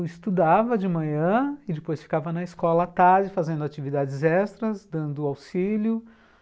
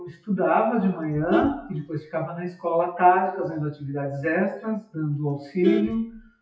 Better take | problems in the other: first | noise reduction (classical method WPE with log-MMSE)

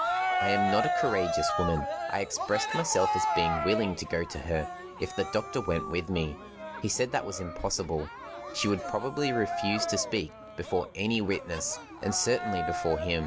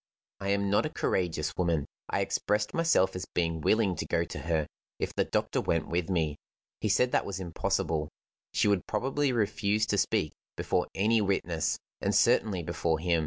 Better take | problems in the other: second | background sound (Cheering); 2 dB below the speech

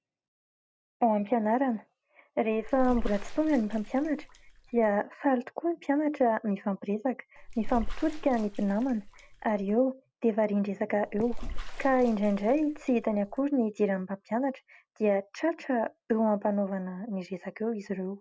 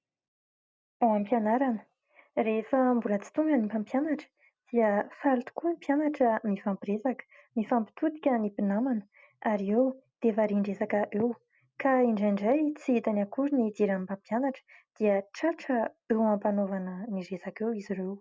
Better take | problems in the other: second | background sound (Bathtub (filling or washing) / Water / Splash, splatter); 7 dB below the speech

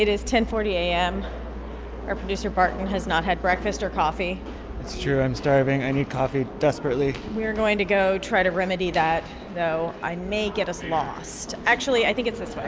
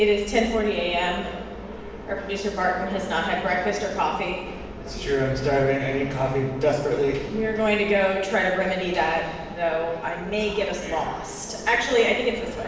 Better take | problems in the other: first | room echo; dies away in 1 s

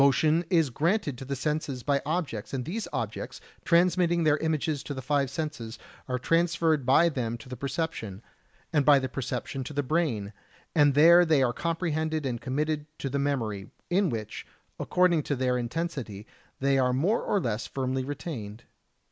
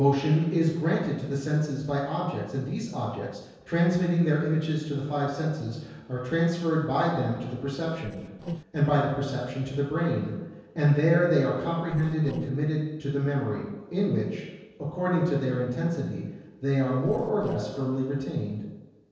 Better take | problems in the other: first | noise reduction (neural separator model SepFormer DNS4)

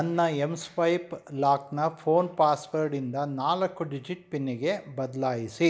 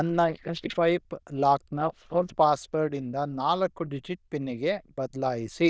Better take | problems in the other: first | noise reduction (neural diffusion model UNIVERSE++)

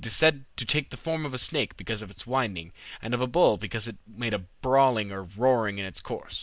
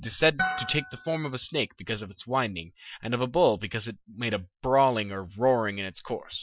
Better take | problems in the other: first | noise reduction (classical method Wiener filter)

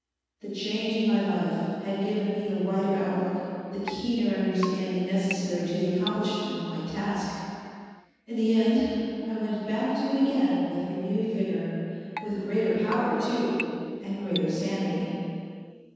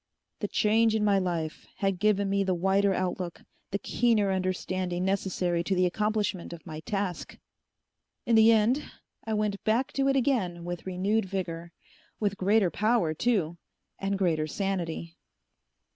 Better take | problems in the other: second | background sound (Keyboard (musical)); 13 dB below the speech // room echo; dies away in 2.1 s

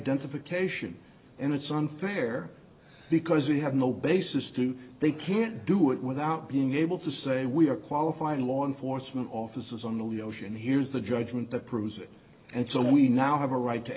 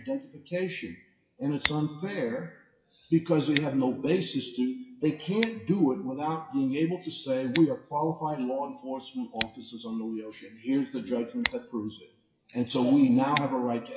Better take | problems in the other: first | noise reduction (classical method WPE with log-MMSE)

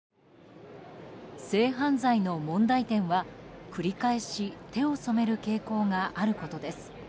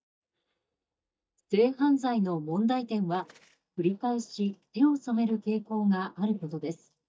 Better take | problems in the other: first | noise reduction (neural mask model DeepFilterNet 3)

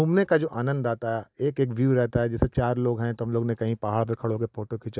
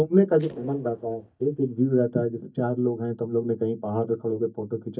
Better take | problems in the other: first | noise reduction (neural mask model DeepFilterNet 3)

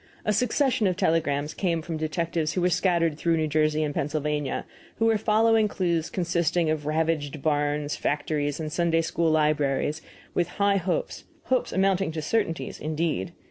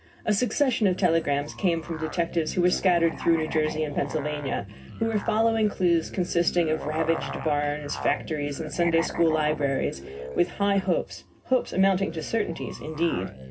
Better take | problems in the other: first | background sound (Musical instrument); 12 dB below the speech // room echo; dies away in 0.4 s

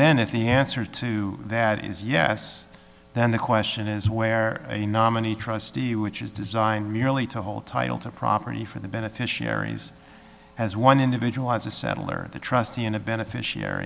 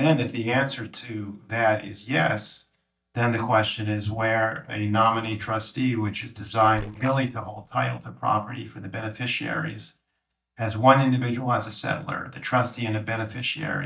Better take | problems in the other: first | noise reduction (neural mask model DeepFilterNet 3)

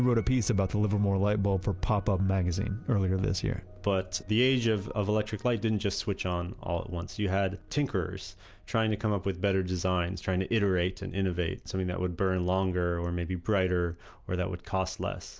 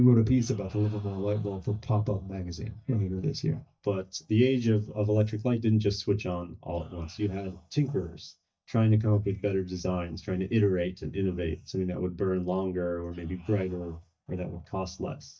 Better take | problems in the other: first | noise reduction (neural mask model DeepFilterNet 3)

